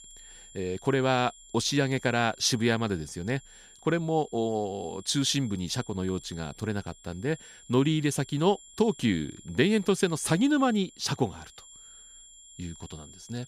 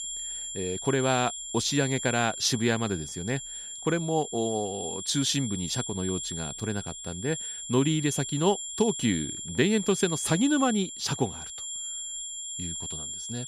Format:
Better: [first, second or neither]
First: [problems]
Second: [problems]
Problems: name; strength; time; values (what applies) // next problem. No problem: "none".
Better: first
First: high-pitched whine; faint; throughout; 7.5 kHz, 20 dB below the speech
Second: high-pitched whine; loud; throughout; 7.5 kHz, 6 dB below the speech